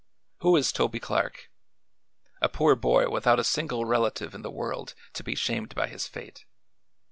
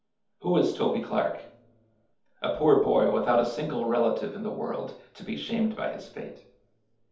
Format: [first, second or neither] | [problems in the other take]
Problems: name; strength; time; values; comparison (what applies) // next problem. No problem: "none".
first | room echo; dies away in 0.6 s